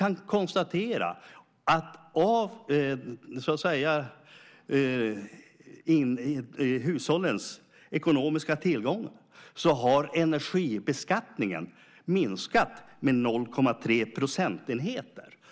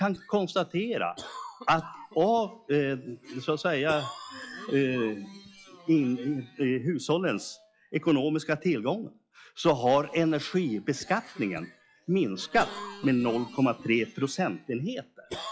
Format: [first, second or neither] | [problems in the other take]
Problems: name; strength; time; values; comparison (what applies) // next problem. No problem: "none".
first | noise reduction (classical method log-MMSE)